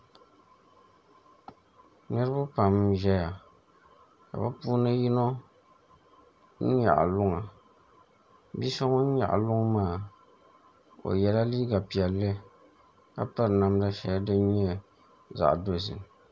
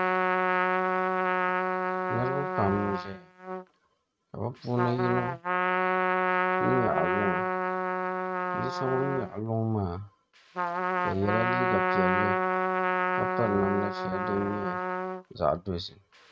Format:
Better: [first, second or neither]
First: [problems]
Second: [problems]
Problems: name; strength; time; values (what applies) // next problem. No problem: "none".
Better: first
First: none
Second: noise reduction (neural mask model RNNoise)